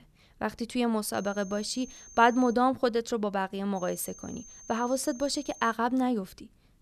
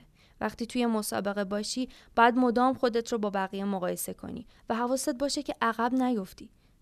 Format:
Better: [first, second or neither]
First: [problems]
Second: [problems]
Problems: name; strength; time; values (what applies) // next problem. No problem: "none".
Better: second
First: high-pitched whine; noticeable; from 1 to 2.5 s and from 4 to 5.5 s; 6.5 kHz, 20 dB below the speech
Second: none